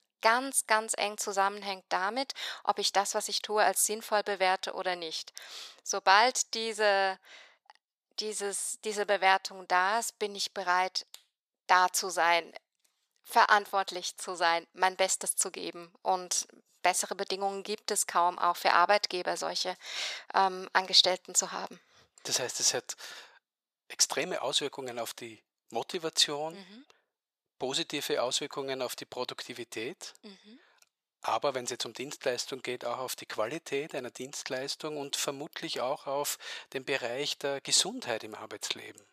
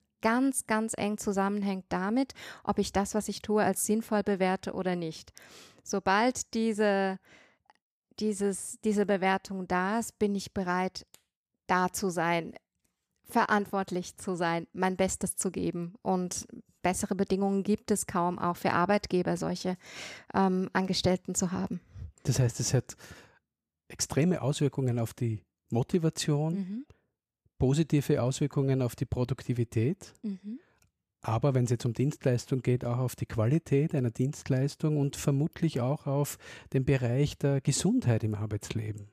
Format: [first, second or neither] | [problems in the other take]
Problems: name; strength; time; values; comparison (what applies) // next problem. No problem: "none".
second | thin; very; fading below 750 Hz